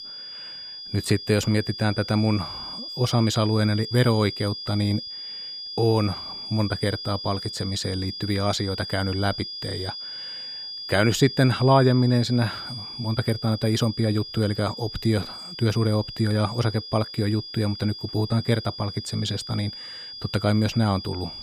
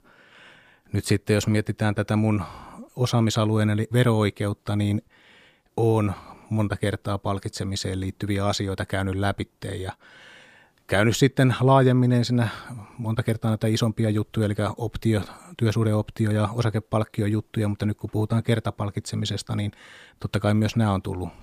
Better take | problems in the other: second | high-pitched whine; loud; throughout; 5 kHz, 9 dB below the speech

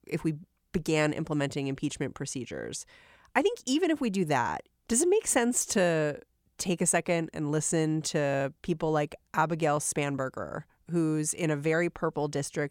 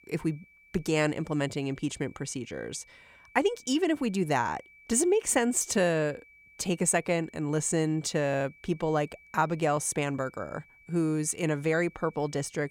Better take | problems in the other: first | high-pitched whine; faint; throughout; 2.5 kHz, 25 dB below the speech

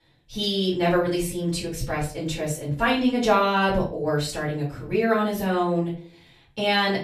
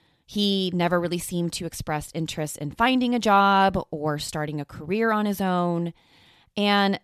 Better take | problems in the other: second | room echo; slight; dies away in 0.4 s // off-mic speech; far

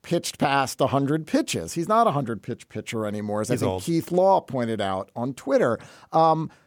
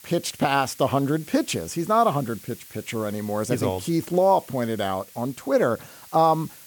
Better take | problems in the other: first | hiss; noticeable; throughout; 20 dB below the speech

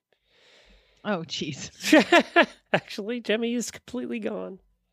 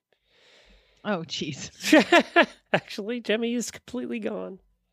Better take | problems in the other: neither | none

